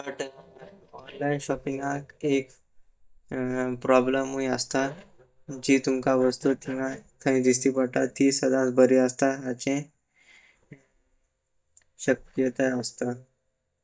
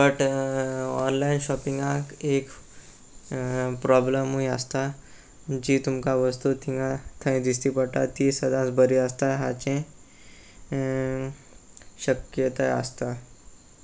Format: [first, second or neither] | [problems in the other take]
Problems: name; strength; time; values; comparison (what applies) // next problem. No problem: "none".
second | noise reduction (neural mask model DeepFilterNet 3)